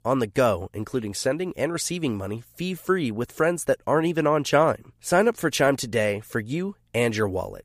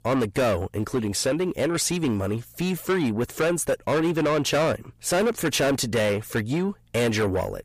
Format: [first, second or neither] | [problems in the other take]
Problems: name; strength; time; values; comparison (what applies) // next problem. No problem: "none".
first | distortion; heavy; 6 dB below the speech